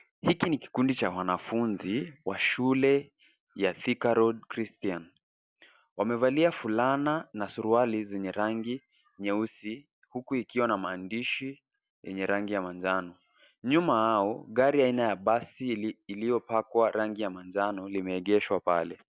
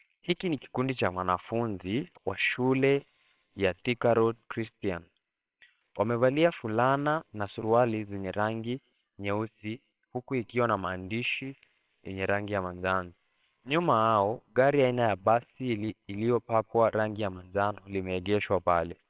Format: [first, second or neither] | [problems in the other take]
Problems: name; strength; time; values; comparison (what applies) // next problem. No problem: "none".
first | noise reduction (neural separator model SepFormer WHAMR!)